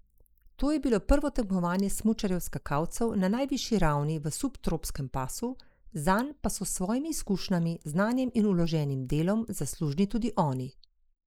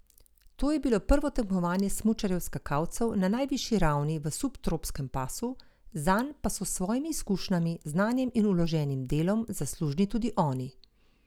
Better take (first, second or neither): second